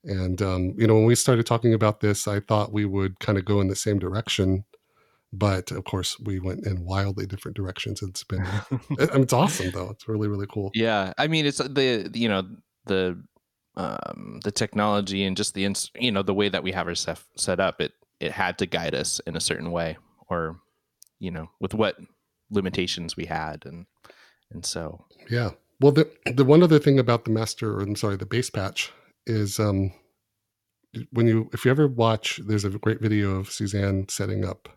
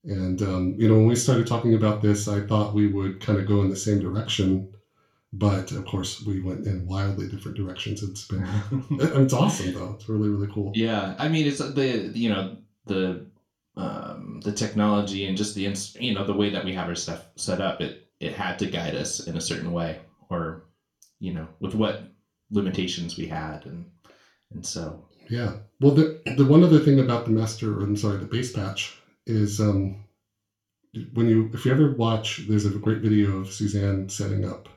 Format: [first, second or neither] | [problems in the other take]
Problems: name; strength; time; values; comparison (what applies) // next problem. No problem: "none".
first | room echo; slight; dies away in 0.3 s // off-mic speech; somewhat distant